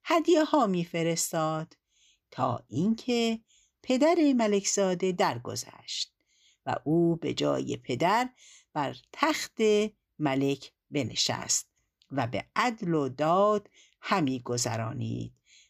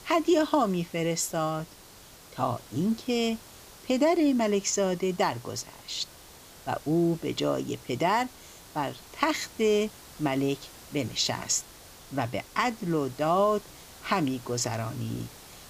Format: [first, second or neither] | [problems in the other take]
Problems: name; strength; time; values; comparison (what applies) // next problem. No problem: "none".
first | hiss; noticeable; throughout; 20 dB below the speech